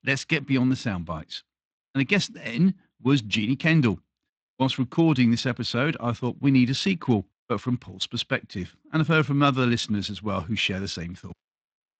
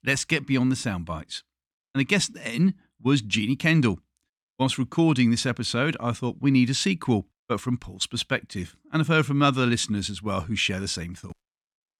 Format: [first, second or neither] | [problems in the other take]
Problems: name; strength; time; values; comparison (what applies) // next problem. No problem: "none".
second | garbled, watery; slightly; nothing above 8 kHz